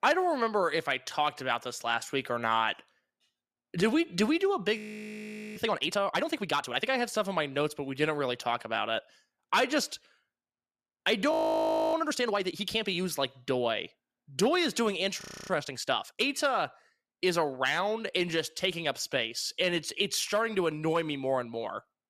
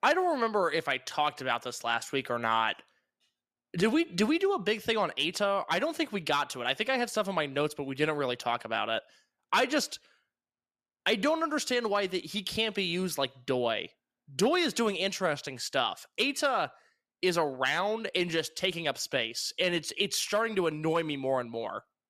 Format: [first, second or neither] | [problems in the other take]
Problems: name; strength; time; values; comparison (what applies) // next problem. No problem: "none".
second | audio freezing; at 5 s for 1 s, at 11 s for 0.5 s and at 15 s